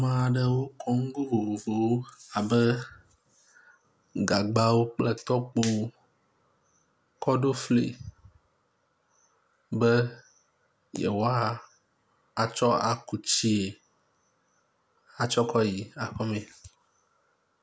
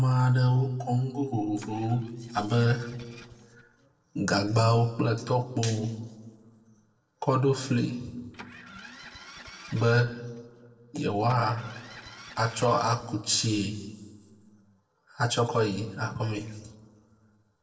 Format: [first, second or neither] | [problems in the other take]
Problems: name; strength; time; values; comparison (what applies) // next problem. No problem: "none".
first | noise reduction (neural separator model SepFormer DNS4)